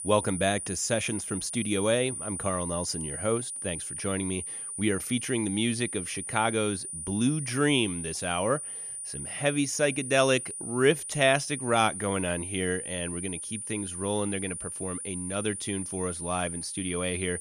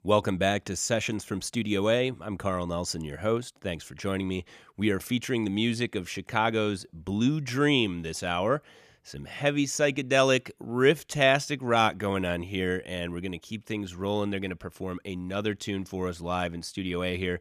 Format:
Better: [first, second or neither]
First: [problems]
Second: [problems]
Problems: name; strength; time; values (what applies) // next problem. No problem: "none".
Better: second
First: high-pitched whine; loud; throughout; 9.5 kHz, 5 dB below the speech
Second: none